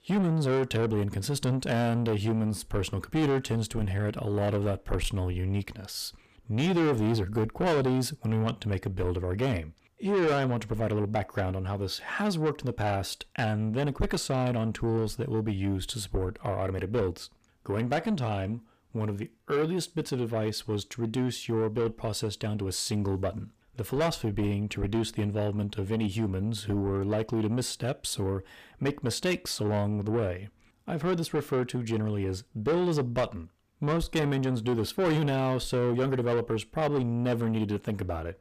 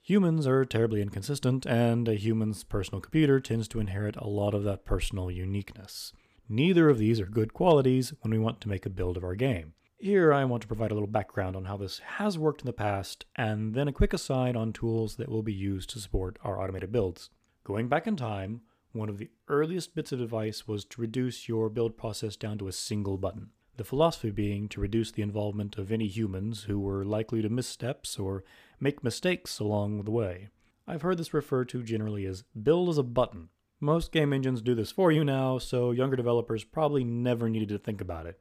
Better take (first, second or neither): second